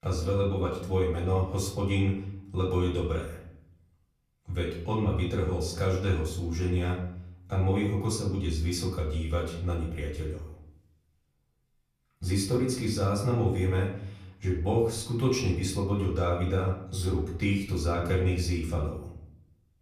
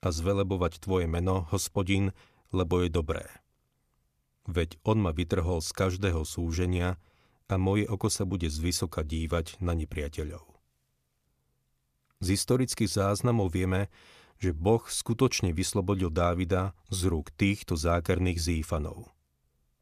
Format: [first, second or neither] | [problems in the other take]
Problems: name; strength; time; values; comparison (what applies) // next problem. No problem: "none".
second | off-mic speech; far // room echo; slight; dies away in 0.7 s